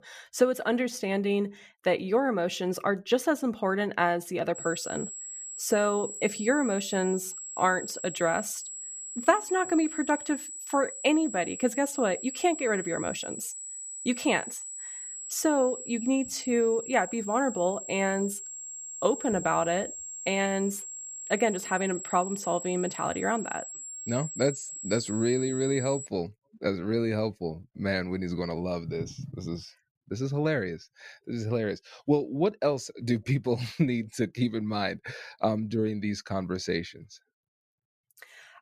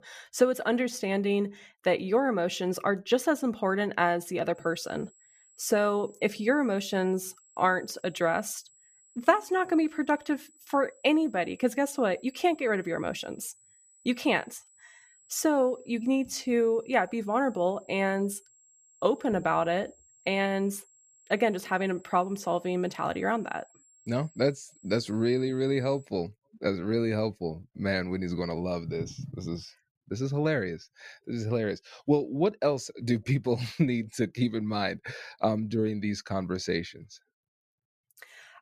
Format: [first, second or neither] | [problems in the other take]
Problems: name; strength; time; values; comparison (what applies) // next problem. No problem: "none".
second | high-pitched whine; loud; from 4.5 to 26 s; 7.5 kHz, 8 dB below the speech; faint in the second